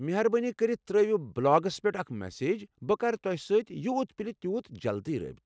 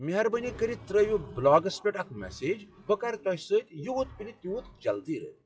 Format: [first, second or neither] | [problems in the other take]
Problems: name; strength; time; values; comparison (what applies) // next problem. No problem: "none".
first | noise reduction (classical method WPE with log-MMSE)